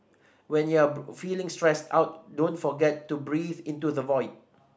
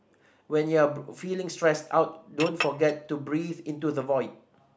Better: first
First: none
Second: background sound (Chink, clink); 8 dB below the speech

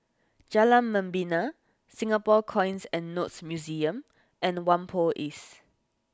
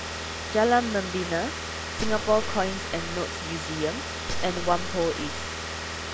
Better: first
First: none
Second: background sound (Gunshot, gunfire + Car); 3 dB below the speech

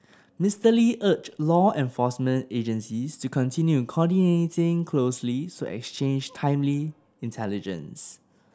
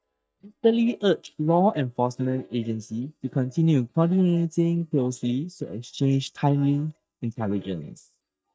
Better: first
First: none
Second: noise reduction (neural mask model DeepFilterNet 3)

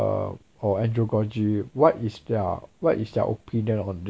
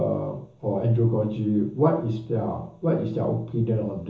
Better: first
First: none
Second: room echo; dies away in 0.7 s

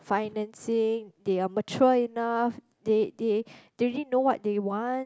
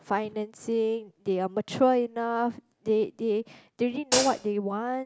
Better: first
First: none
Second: background sound (Hi-hat); as loud as the speech

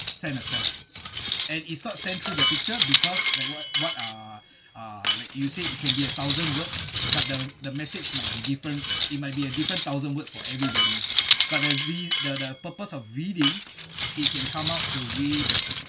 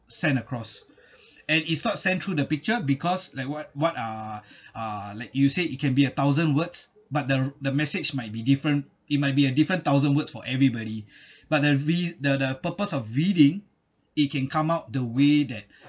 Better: second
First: background sound (Cutlery, silverware); 4 dB above the speech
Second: none

